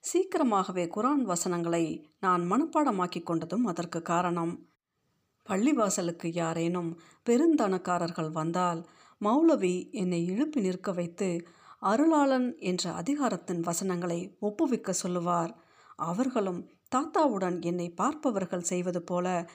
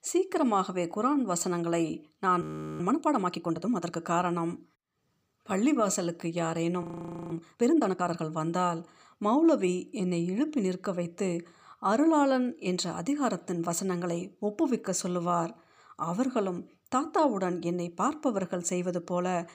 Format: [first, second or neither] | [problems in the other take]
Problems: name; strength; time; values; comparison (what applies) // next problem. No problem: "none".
first | audio freezing; at 2.5 s and at 7 s